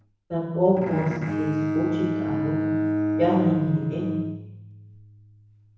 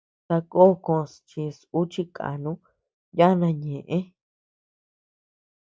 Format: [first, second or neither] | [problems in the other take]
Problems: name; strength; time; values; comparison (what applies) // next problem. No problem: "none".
second | background sound (Bowed string instrument); 1 dB below the speech // room echo; dies away in 1.1 s